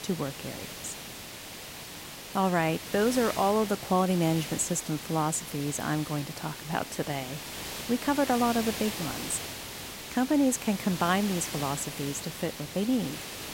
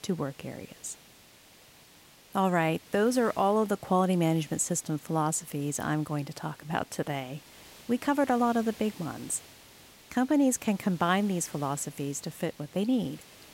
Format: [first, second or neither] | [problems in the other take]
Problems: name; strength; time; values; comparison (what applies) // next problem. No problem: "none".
second | hiss; loud; throughout; 8 dB below the speech; faint in the second